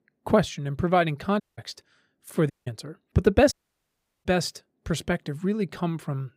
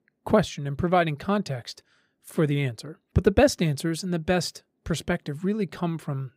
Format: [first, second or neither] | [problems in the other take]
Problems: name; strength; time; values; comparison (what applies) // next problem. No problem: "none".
second | audio cutting out; at 1.5 s, at 2.5 s and at 3.5 s for 0.5 s